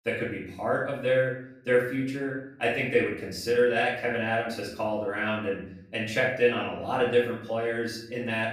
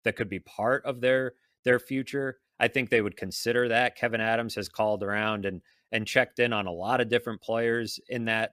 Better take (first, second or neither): second